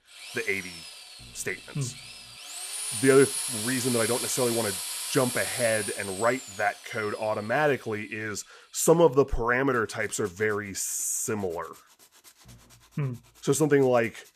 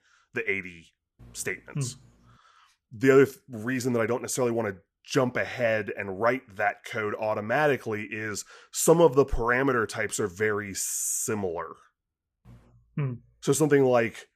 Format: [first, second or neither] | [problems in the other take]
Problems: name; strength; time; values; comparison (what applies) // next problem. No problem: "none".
second | machinery noise; loud; throughout; 6 dB below the speech